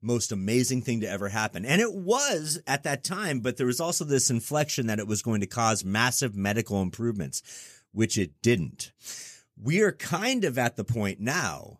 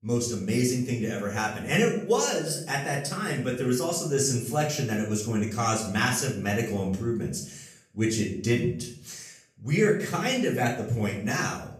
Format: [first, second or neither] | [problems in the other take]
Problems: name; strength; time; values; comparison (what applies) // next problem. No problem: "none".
first | off-mic speech; far // room echo; slight; dies away in 0.5 s